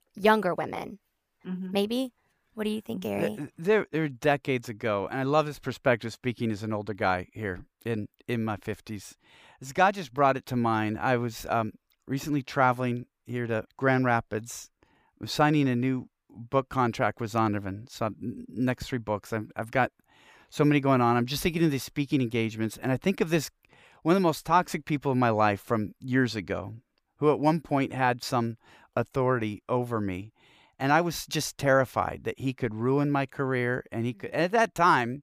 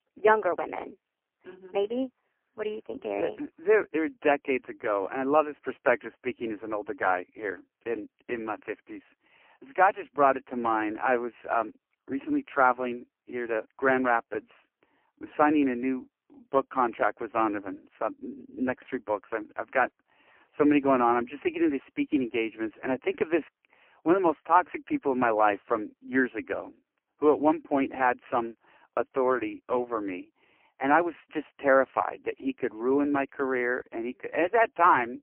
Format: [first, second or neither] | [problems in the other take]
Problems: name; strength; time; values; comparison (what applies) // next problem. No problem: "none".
first | phone-call audio; poor line; nothing above 3 kHz